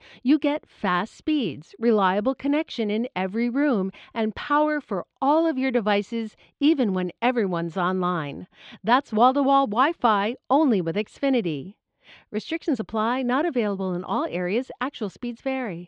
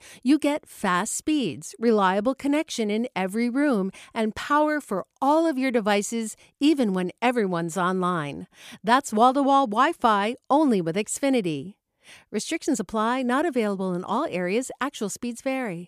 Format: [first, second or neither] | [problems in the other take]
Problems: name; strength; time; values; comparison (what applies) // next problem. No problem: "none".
second | muffled; slightly; fading above 4 kHz